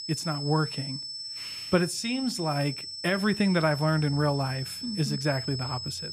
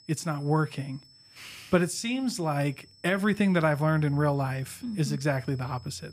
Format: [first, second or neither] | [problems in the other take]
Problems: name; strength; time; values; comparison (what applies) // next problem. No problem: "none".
second | high-pitched whine; loud; throughout; 5.5 kHz, 7 dB below the speech; faint in the second